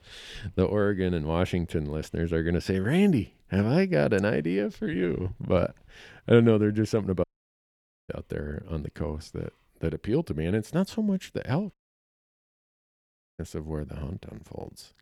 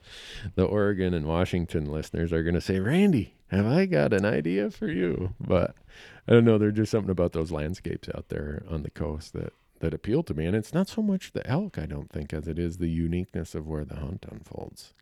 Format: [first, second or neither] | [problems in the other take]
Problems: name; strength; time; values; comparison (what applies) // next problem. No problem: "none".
second | audio cutting out; at 7 s for 1 s and at 12 s for 1.5 s